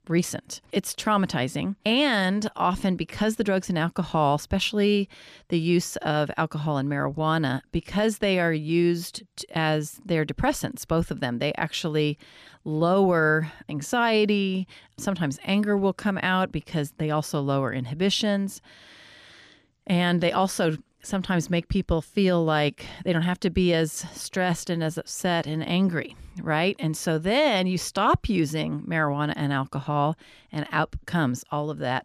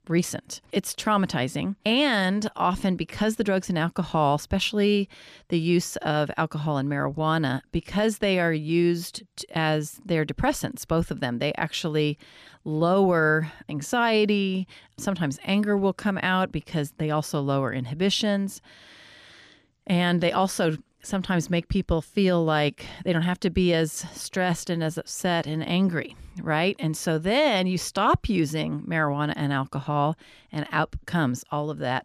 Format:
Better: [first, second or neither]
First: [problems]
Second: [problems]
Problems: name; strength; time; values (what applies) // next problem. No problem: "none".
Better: neither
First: none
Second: none